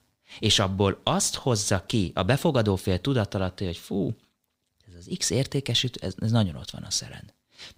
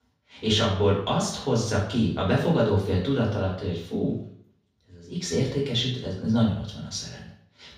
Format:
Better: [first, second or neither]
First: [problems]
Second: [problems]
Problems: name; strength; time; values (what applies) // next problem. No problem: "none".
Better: first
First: none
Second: room echo; noticeable; dies away in 0.6 s // off-mic speech; far